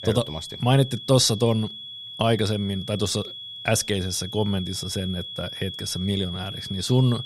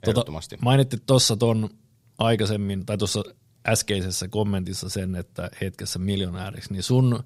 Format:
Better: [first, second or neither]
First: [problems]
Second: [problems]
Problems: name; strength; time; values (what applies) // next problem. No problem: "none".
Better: second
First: high-pitched whine; loud; throughout; 3.5 kHz, 10 dB below the speech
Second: none